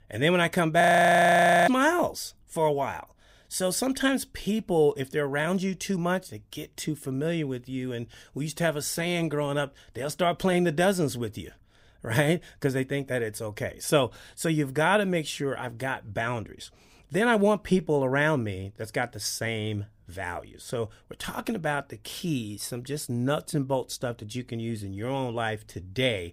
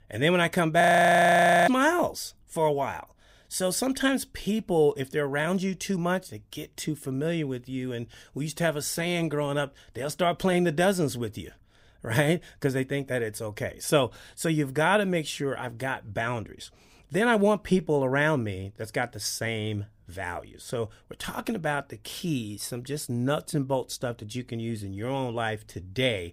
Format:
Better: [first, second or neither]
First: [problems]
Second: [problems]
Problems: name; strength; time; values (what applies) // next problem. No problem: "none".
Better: neither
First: audio freezing; at 1 s for 1 s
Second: audio freezing; at 1 s for 1 s